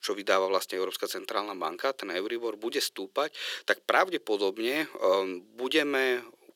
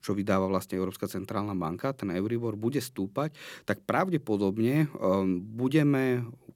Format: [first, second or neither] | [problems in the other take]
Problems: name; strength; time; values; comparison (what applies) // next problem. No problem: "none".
second | thin; very; fading below 400 Hz